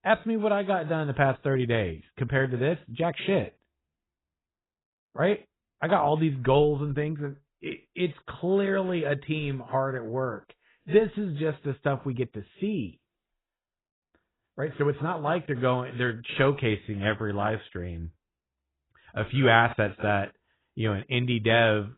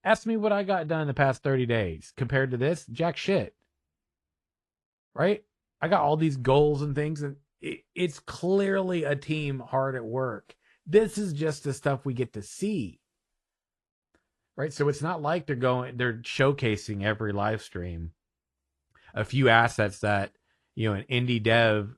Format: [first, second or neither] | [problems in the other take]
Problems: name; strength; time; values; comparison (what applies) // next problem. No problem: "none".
second | garbled, watery; badly; nothing above 3.5 kHz; slightly in the second